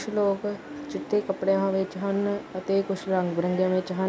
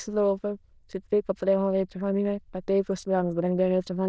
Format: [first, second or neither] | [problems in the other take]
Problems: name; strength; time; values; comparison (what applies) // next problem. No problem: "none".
first | noise reduction (neural diffusion model UNIVERSE++)